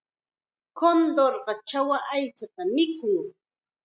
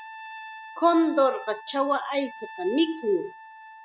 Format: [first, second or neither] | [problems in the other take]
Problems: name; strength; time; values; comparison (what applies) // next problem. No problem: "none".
first | background sound (Trumpet); 16 dB below the speech